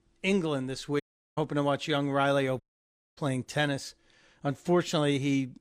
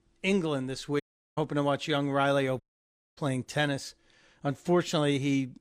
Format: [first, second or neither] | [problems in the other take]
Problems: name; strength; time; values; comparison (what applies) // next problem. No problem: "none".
neither | audio cutting out; at 1 s and at 2.5 s for 0.5 s; the same in both